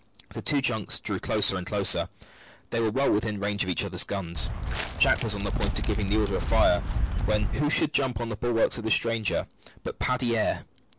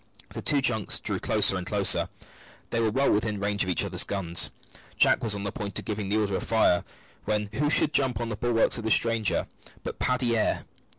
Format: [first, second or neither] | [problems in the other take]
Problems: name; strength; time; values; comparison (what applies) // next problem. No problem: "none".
second | background sound (Walk, footsteps); 1 dB above the speech